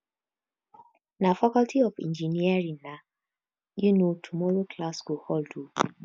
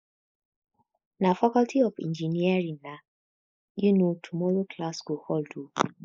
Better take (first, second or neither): first